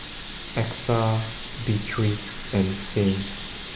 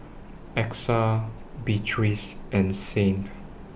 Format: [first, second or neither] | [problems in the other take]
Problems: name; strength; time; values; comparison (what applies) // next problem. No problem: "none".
second | background sound (Sink (filling or washing) / Water tap, faucet); 12 dB below the speech // room echo; dies away in 1.3 s